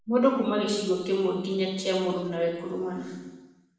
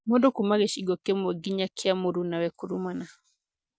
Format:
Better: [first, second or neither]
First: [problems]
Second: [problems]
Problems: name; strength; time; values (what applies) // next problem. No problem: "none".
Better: second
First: room echo; dies away in 1.1 s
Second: none